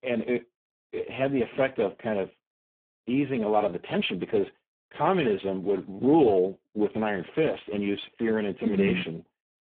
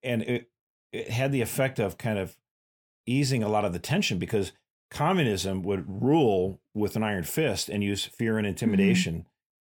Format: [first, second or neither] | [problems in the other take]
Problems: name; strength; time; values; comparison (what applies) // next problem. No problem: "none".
second | phone-call audio; poor line